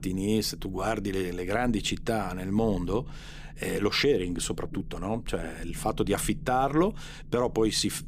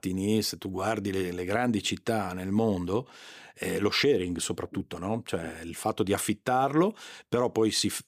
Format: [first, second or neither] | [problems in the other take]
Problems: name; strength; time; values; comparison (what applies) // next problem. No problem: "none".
second | low rumble; faint; throughout; 25 dB below the speech